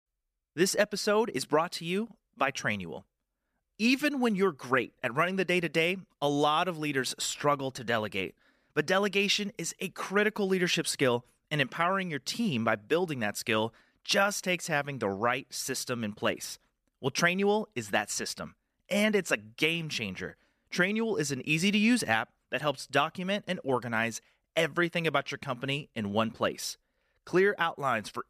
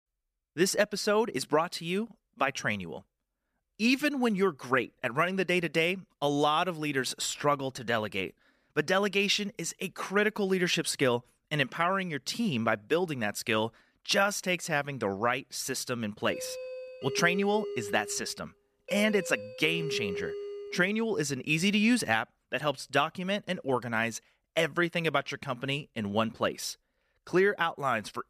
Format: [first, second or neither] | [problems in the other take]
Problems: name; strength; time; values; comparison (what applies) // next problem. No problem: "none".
first | doorbell; noticeable; from 16 to 21 s; peak 5 dB below the speech